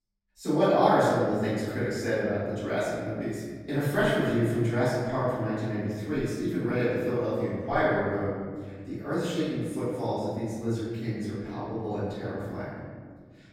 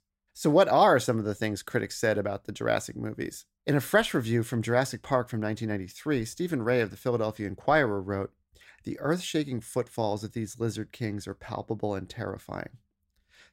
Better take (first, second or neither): second